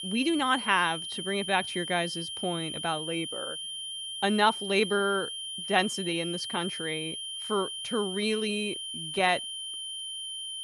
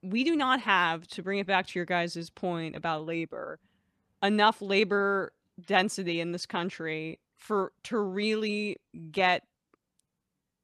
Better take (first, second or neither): second